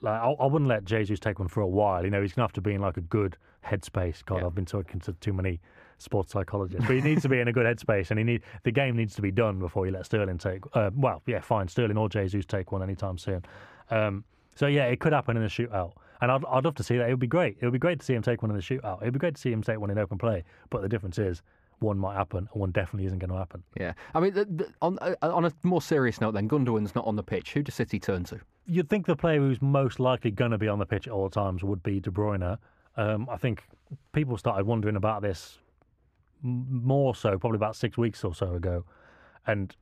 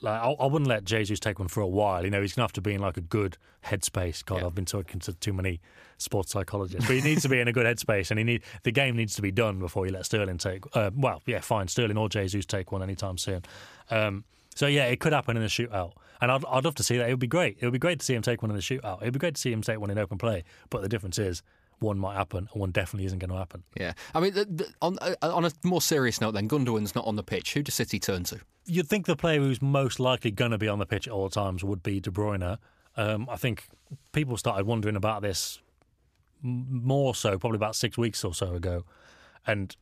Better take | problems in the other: second | muffled; very; fading above 3 kHz

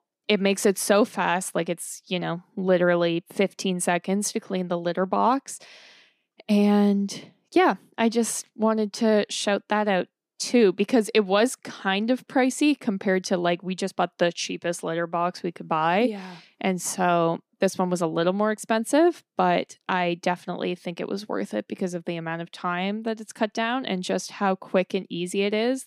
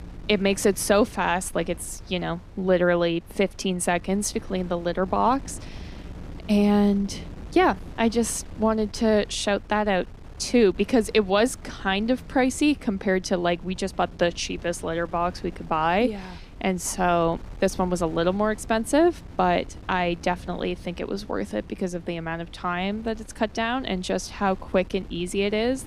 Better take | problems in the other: first | wind noise on the microphone; occasional gusts; 25 dB below the speech

